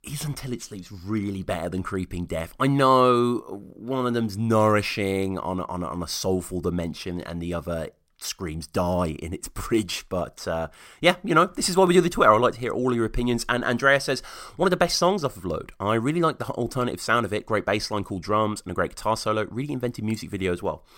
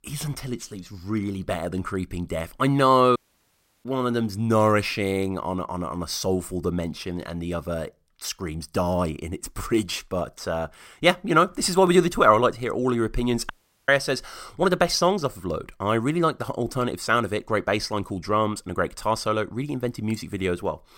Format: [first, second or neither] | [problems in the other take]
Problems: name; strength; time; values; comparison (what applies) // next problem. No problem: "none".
first | audio cutting out; at 3 s for 0.5 s and at 14 s